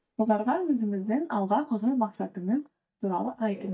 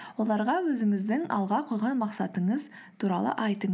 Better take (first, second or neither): second